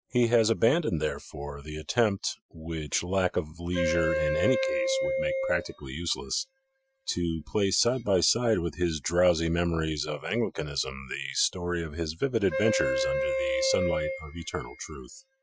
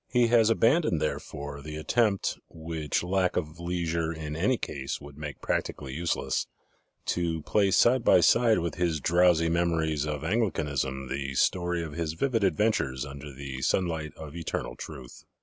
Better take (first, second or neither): second